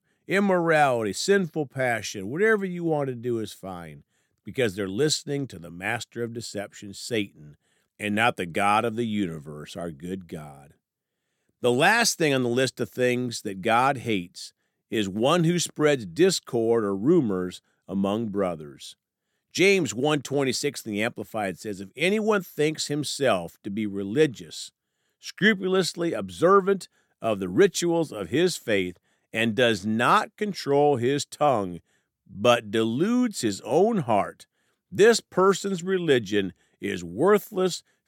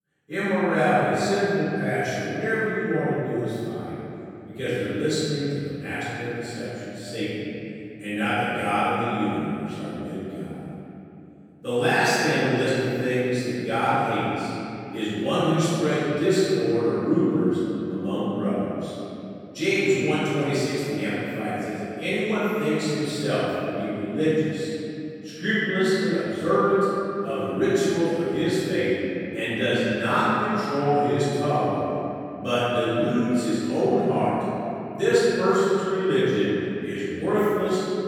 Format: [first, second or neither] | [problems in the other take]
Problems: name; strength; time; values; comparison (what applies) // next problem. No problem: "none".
first | off-mic speech; far // room echo; strong; dies away in 3 s